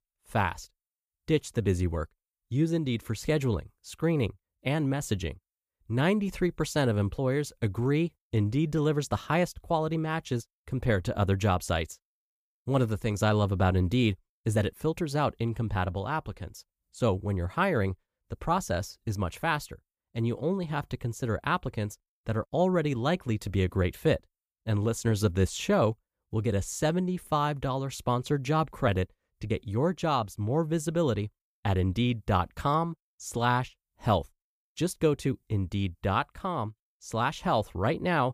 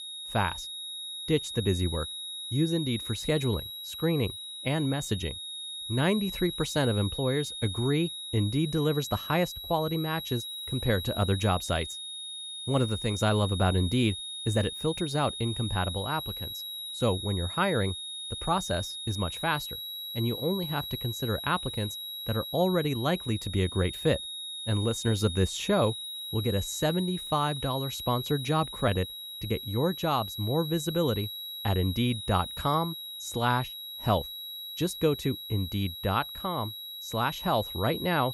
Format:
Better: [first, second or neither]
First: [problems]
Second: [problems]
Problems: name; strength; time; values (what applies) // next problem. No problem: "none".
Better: first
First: none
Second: high-pitched whine; loud; throughout; 4 kHz, 6 dB below the speech